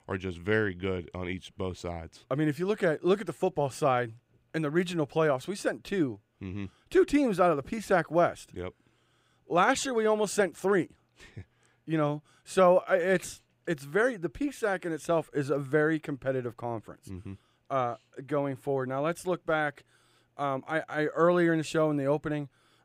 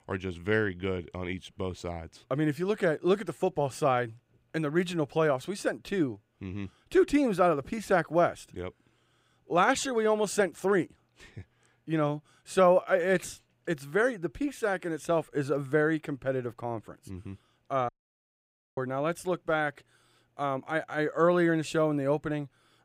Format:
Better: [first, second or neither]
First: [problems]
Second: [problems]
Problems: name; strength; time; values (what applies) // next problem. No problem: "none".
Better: first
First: none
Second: audio cutting out; at 18 s for 1 s